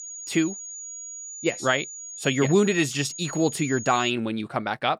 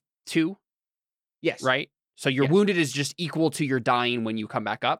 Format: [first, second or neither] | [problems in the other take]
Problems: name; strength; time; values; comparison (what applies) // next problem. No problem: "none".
second | high-pitched whine; noticeable; until 4 s; 6.5 kHz, 10 dB below the speech